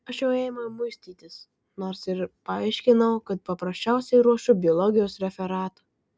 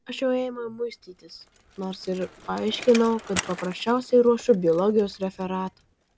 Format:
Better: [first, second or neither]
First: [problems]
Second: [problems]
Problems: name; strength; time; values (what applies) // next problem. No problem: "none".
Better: first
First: none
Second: background sound (Bicycle); 16 dB below the speech